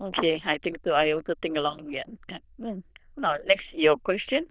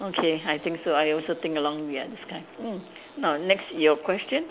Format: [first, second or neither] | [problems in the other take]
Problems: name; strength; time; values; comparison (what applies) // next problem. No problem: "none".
second | noise reduction (neural diffusion model UNIVERSE++)